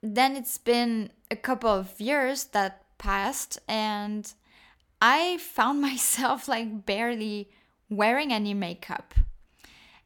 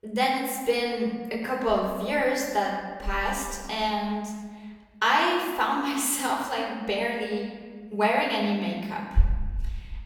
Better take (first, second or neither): first